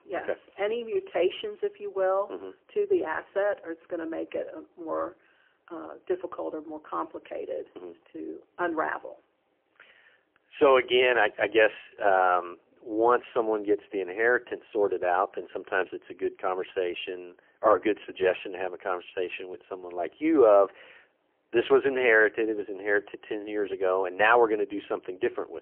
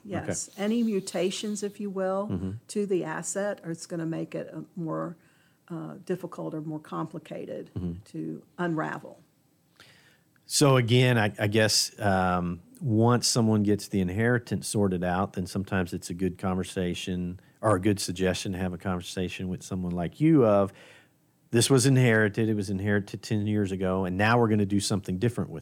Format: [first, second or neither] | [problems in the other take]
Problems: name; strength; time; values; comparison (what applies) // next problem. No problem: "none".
second | phone-call audio; poor line; nothing above 3 kHz